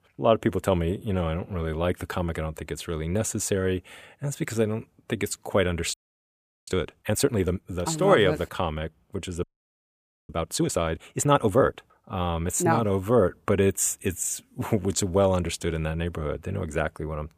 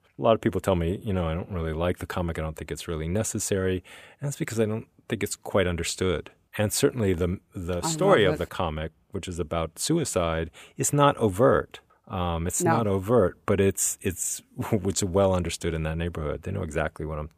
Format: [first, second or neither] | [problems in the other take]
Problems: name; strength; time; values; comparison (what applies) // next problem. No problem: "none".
second | audio freezing; at 6 s for 0.5 s and at 9.5 s for 1 s